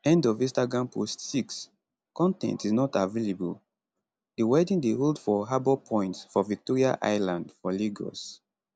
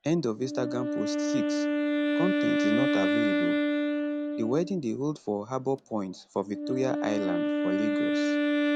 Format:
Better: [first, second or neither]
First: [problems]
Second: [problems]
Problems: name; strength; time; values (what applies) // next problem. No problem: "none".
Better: first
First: none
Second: background sound (Wind instrument, woodwind instrument); 4 dB above the speech